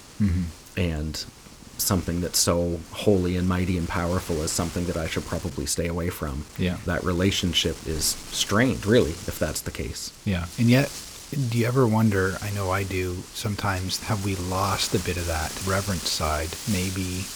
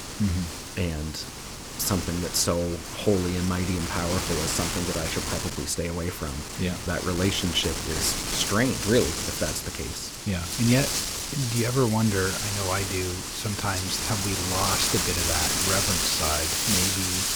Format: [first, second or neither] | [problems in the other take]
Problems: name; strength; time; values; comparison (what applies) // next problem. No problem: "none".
first | wind noise on the microphone; heavy; 1 dB above the speech; occasional gusts in the first